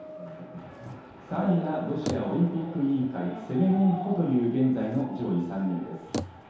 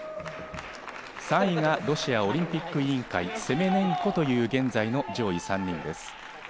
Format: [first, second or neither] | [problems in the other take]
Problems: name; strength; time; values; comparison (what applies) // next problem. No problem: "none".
second | background sound (Bicycle); 15 dB below the speech // room echo; dies away in 0.8 s